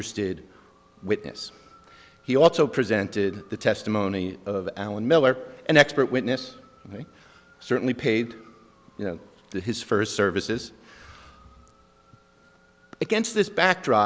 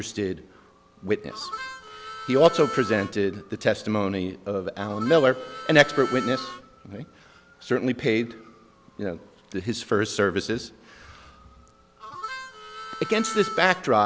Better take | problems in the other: first | background sound (Harmonica); 10 dB below the speech

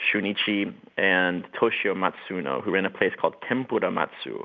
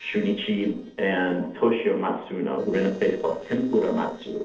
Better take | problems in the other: first | noise reduction (neural separator model SepFormer DNS4)

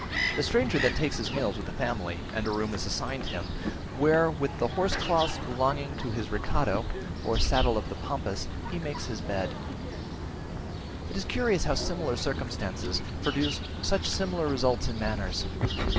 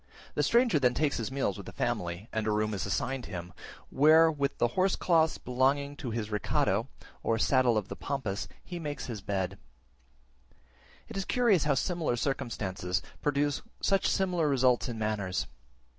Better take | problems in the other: second | background sound (Bird vocalization, bird call, bird song); 3 dB below the speech

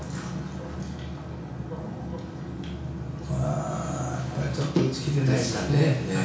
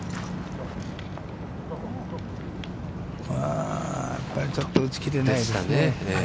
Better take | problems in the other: second | room echo; dies away in 0.6 s

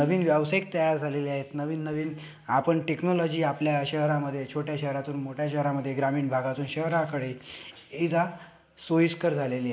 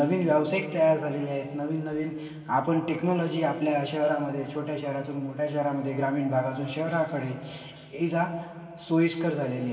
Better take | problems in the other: first | room echo; dies away in 2.6 s

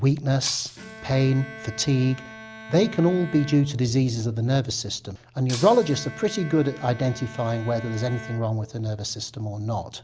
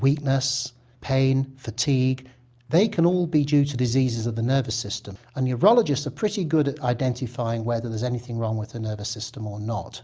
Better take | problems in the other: second | background sound (Shatter + Bowed string instrument); 17 dB below the speech

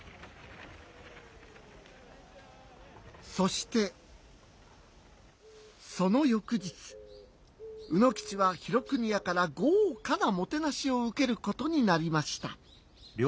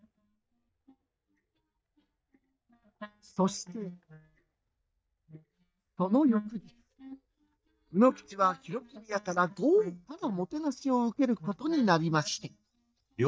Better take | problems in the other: first | noise reduction (neural mask model DeepFilterNet 3)

